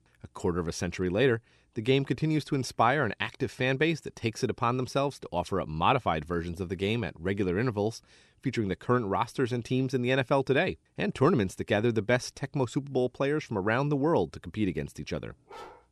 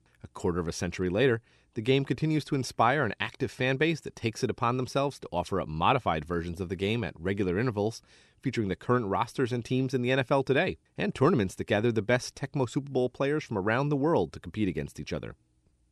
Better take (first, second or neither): second